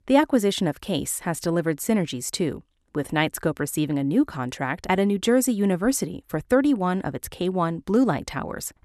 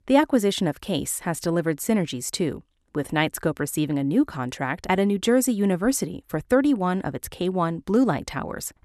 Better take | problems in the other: neither | none

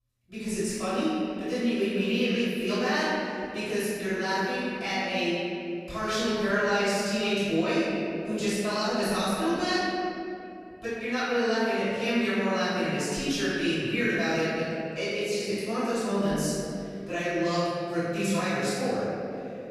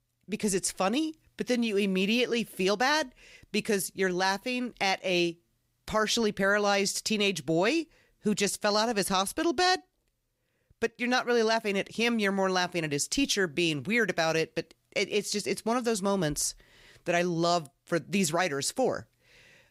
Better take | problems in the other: second | off-mic speech; far // room echo; strong; dies away in 2.7 s

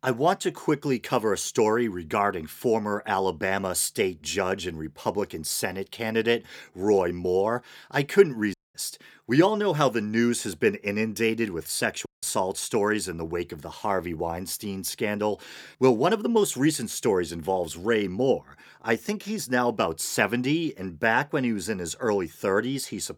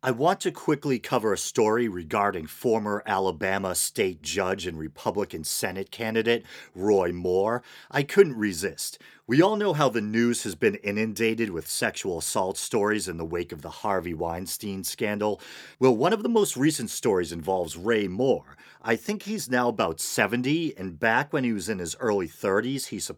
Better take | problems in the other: second | audio cutting out; at 8.5 s and at 12 s

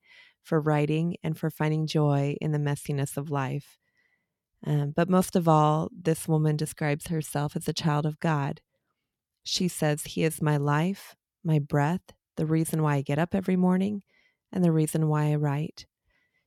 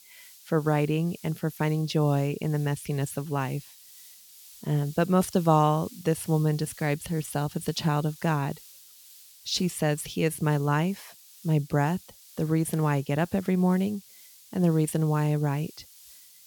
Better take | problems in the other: first | hiss; faint; throughout; 20 dB below the speech

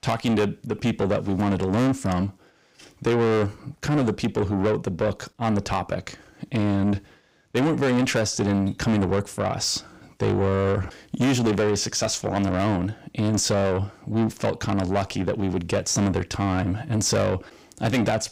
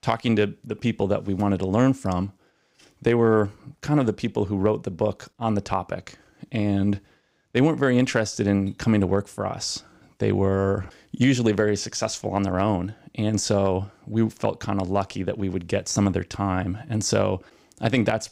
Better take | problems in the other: second | distortion; heavy; 7 dB below the speech

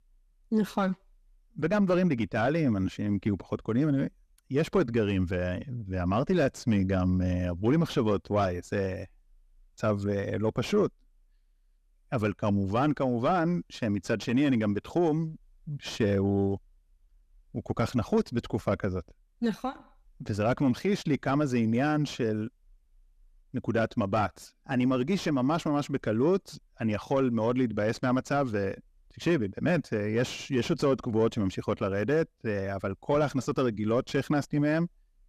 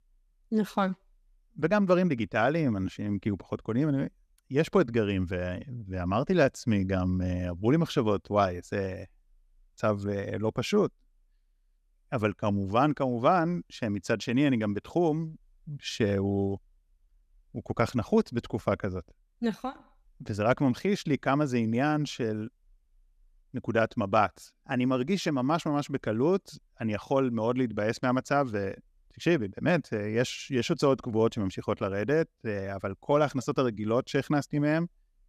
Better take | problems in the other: second | distortion; slight; 10 dB below the speech

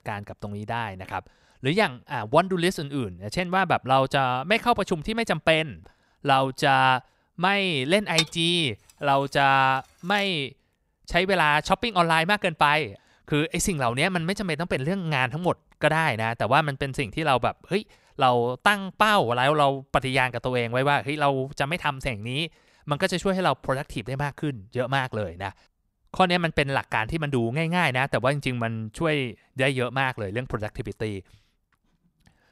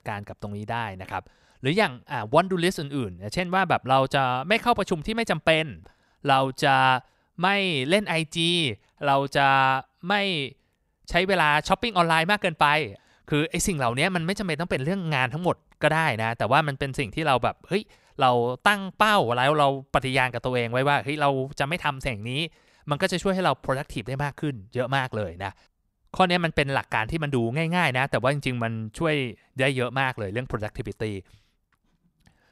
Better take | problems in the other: second | clattering dishes; noticeable; at 8 s; peak 2 dB below the speech

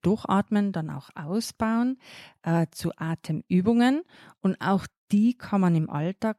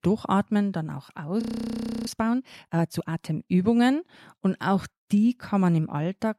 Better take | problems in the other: first | audio freezing; at 1.5 s for 0.5 s

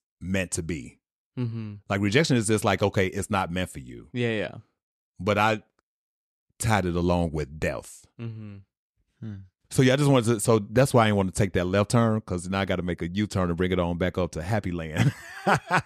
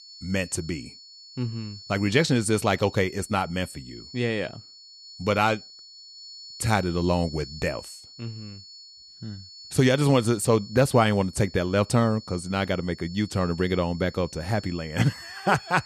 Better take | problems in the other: first | high-pitched whine; noticeable; throughout; 4.5 kHz, 15 dB below the speech

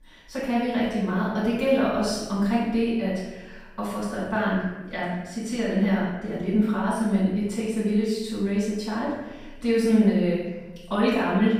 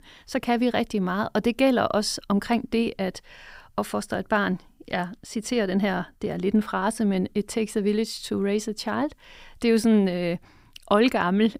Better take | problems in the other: second | room echo; strong; dies away in 1 s // off-mic speech; far

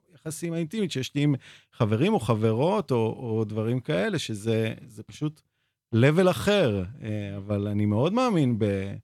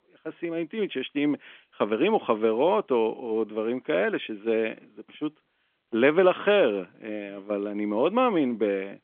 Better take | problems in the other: first | phone-call audio; nothing above 3.5 kHz

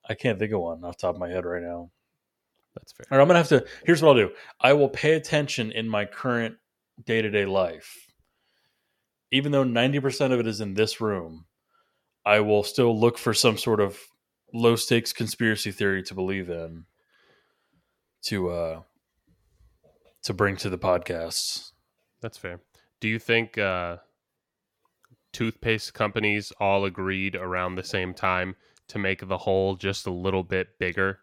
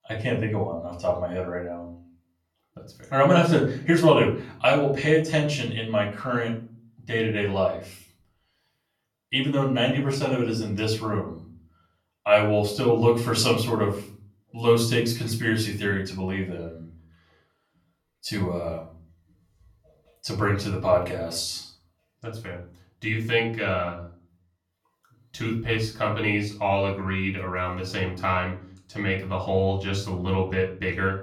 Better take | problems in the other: first | off-mic speech; far // room echo; slight; dies away in 0.4 s

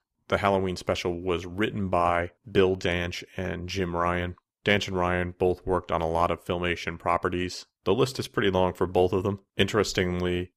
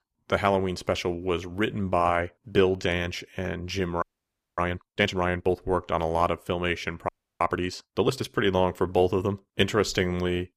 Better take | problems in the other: first | audio freezing; at 4 s for 0.5 s and at 7 s

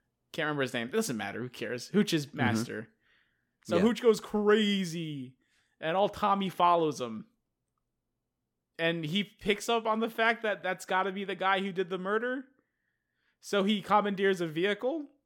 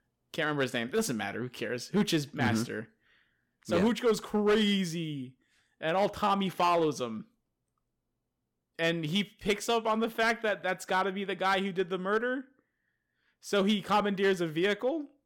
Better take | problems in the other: first | distortion; slight; 4% of the sound clipped

